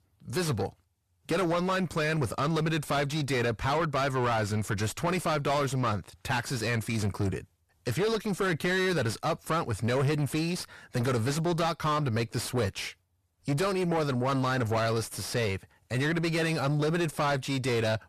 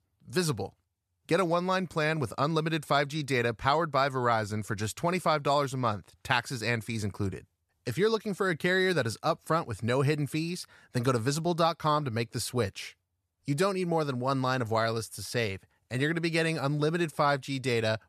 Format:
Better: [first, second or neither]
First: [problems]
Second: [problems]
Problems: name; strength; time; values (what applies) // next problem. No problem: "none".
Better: second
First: distortion; heavy; 6 dB below the speech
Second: none